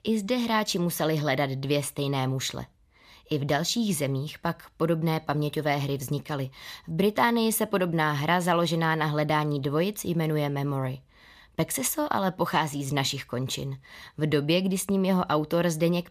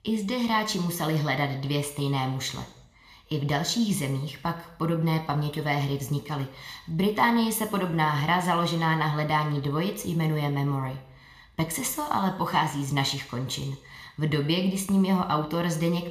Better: first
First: none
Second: room echo; slight; dies away in 0.7 s

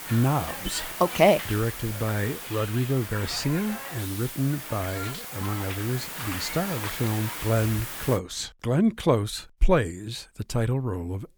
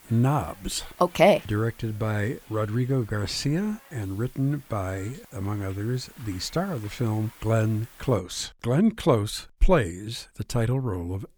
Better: second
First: hiss; loud; until 8 s; 7 dB below the speech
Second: hiss; faint; until 8 s; 25 dB below the speech

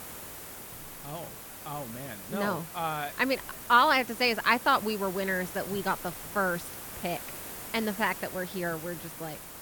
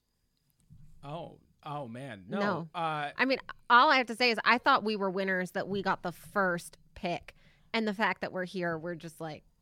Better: second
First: hiss; noticeable; throughout; 10 dB below the speech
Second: none

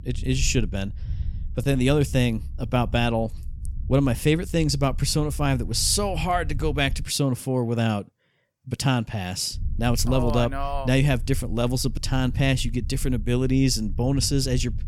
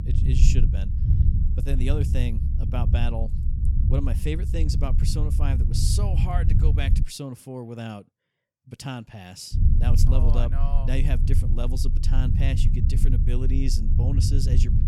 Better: first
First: low rumble; faint; until 7 s and from 9.5 s on; 25 dB below the speech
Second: low rumble; loud; until 7 s and from 9.5 s on; 4 dB below the speech

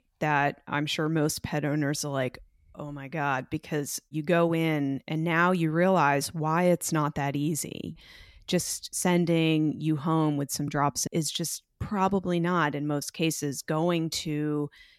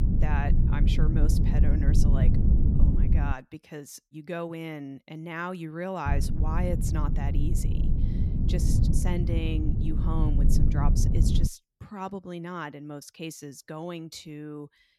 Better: first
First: none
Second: low rumble; loud; until 3.5 s and from 6 to 11 s; 2 dB below the speech

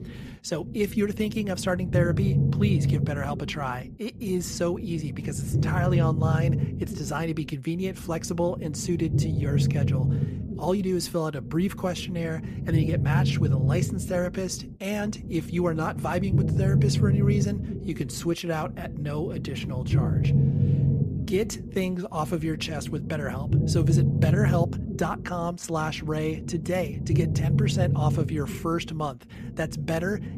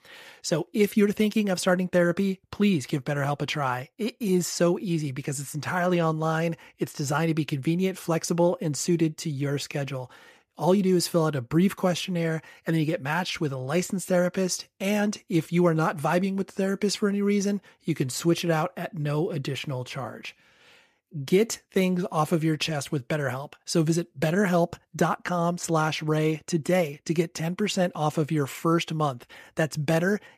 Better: second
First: low rumble; loud; throughout; 6 dB below the speech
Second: none

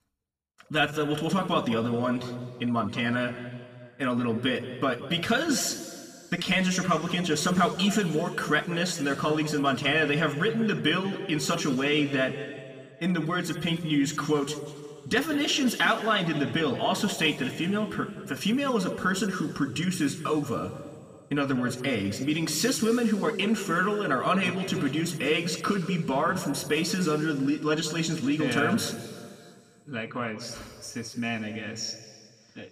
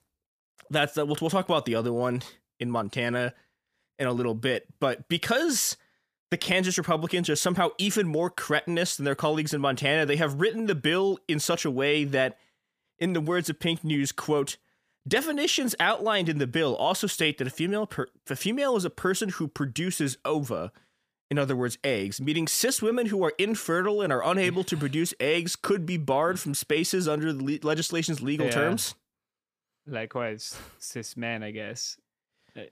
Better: second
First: room echo; slight; dies away in 2.1 s // off-mic speech; somewhat distant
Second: none

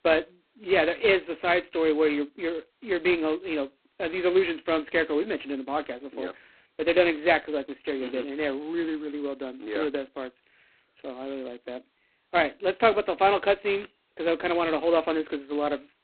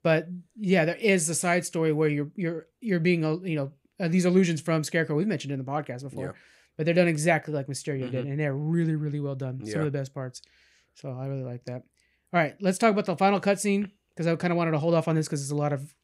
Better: second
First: phone-call audio; poor line; nothing above 4 kHz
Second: none

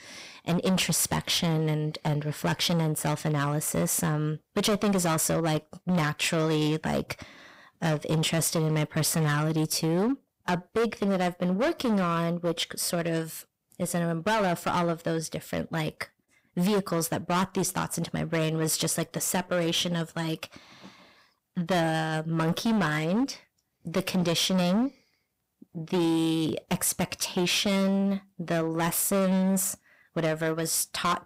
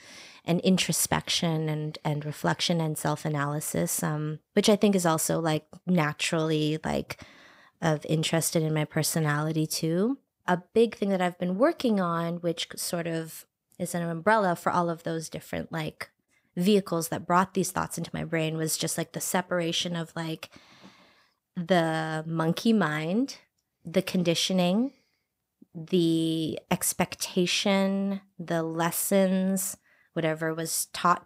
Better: second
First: distortion; heavy; 14% of the sound clipped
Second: none

